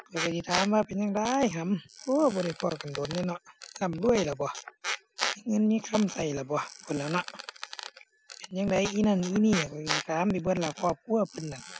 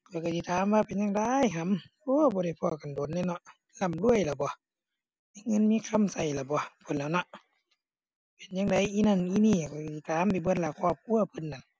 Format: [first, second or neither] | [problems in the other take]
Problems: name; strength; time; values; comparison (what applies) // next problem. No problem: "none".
second | background sound (Squeak); 10 dB below the speech